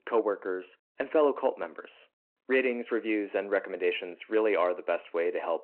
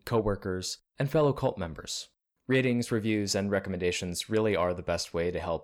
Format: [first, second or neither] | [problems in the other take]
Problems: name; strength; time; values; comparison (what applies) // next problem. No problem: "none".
second | phone-call audio